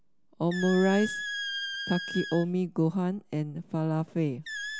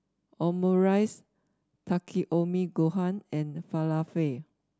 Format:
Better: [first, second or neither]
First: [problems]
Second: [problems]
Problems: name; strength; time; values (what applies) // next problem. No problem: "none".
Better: second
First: background sound (Squeak); 9 dB below the speech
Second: none